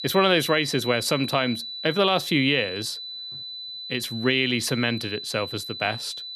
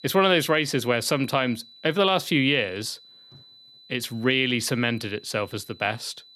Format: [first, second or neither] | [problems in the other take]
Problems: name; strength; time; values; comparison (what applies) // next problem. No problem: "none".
second | high-pitched whine; loud; throughout; 4 kHz, 9 dB below the speech; faint in the second